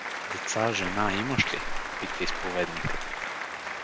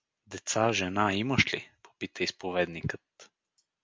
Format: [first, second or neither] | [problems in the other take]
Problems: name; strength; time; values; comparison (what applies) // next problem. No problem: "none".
second | background sound (Applause + Walk, footsteps); 1 dB below the speech